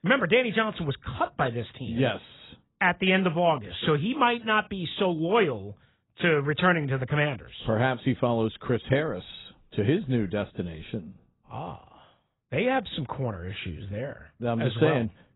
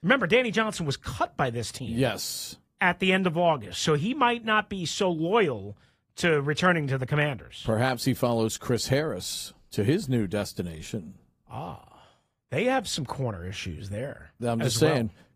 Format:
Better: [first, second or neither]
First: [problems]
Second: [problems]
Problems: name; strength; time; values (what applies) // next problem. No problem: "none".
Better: second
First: garbled, watery; badly; nothing above 4 kHz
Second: garbled, watery; slightly; nothing above 15 kHz